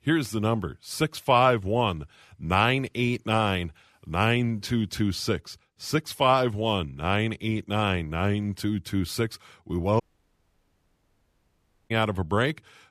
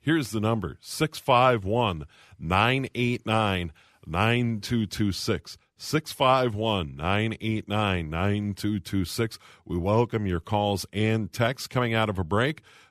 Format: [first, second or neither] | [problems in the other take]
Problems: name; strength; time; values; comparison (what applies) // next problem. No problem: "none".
second | audio cutting out; at 10 s for 2 s